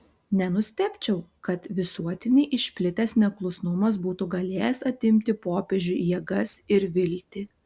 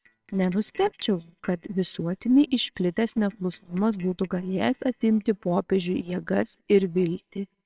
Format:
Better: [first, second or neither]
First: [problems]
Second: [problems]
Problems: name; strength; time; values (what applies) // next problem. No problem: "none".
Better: first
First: none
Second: noise reduction (neural separator model SepFormer WHAMR!)